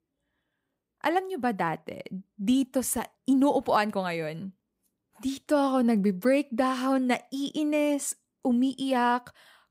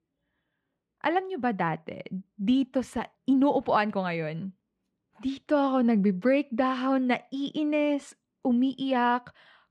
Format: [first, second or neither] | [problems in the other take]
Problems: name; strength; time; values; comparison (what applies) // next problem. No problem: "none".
first | muffled; slightly; fading above 3 kHz